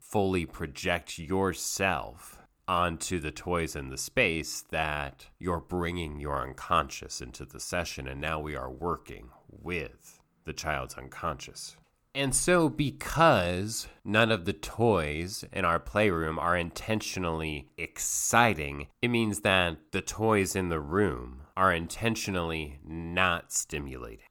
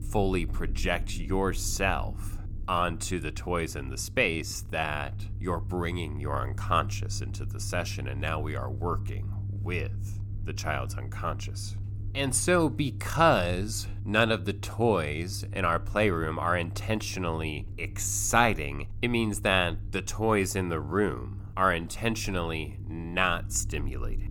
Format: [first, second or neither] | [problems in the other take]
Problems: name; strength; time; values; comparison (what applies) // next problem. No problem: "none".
first | low rumble; faint; throughout; 25 dB below the speech